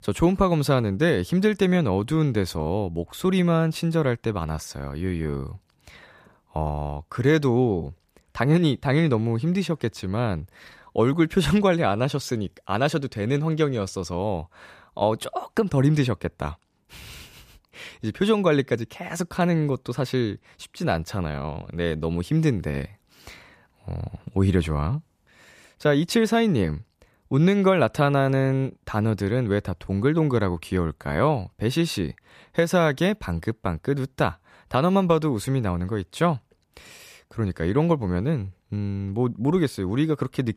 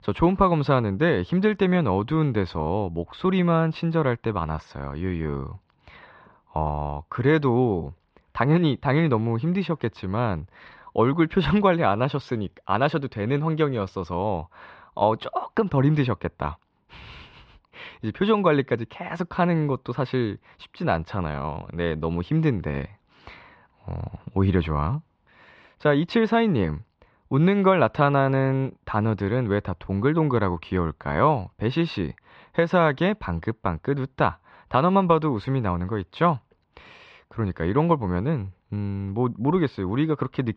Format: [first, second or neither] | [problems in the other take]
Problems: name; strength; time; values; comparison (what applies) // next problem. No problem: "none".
first | muffled; slightly; fading above 3.5 kHz